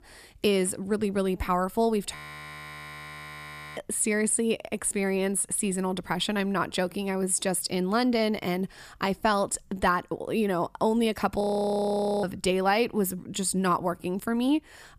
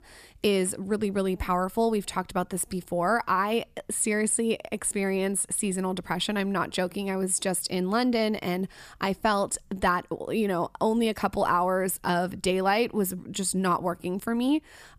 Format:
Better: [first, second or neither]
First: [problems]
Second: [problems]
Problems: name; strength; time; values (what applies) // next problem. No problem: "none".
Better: second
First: audio freezing; at 2 s for 1.5 s and at 11 s for 1 s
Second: none